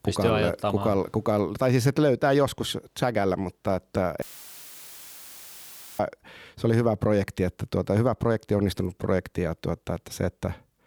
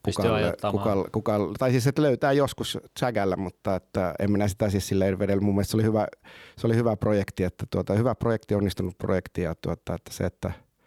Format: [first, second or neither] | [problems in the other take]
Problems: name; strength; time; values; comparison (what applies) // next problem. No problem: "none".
second | audio cutting out; filled with static; at 4 s for 2 s